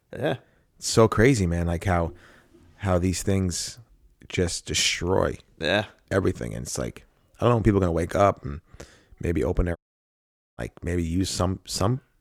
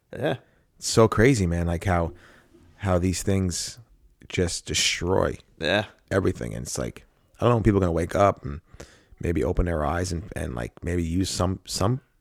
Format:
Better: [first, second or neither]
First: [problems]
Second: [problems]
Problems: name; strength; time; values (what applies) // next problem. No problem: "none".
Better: second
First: audio cutting out; at 10 s for 1 s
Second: none